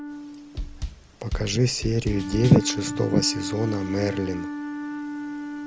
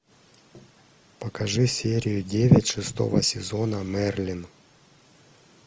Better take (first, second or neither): second